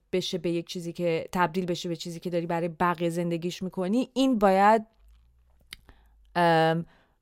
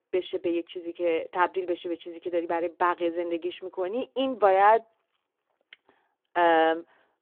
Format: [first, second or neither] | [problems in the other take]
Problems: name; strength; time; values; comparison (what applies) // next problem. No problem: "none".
first | phone-call audio